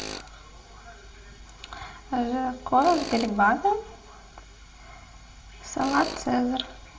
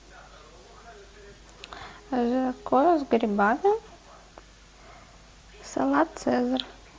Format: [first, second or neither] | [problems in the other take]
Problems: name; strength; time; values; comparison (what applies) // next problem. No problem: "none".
second | background sound (Tools); 15 dB below the speech // room echo; dies away in 0.4 s